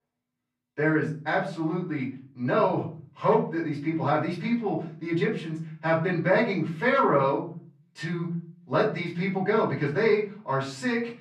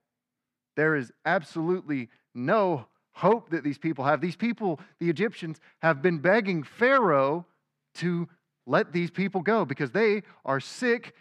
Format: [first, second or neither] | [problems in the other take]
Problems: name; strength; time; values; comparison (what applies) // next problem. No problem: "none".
second | off-mic speech; far // room echo; slight; dies away in 0.5 s